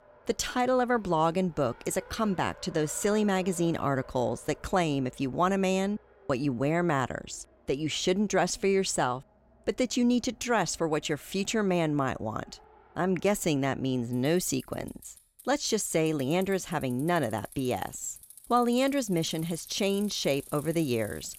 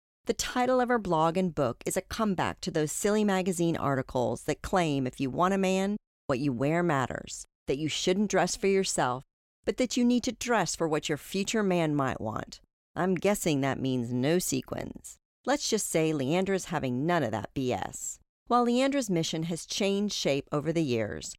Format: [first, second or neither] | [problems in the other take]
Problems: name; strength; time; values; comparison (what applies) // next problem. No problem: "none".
second | traffic noise; faint; throughout; 20 dB below the speech